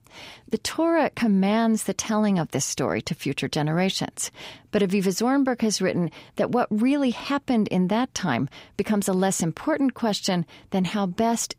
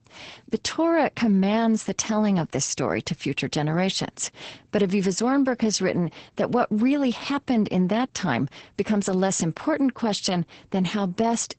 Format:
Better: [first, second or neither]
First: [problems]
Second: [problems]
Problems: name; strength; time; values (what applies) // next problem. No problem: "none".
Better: first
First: none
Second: garbled, watery; badly; nothing above 8 kHz